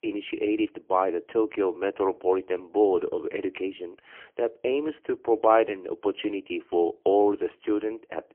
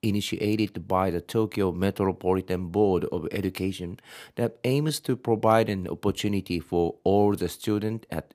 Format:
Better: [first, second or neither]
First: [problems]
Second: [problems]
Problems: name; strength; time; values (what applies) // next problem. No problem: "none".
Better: second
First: phone-call audio; poor line; nothing above 3 kHz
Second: none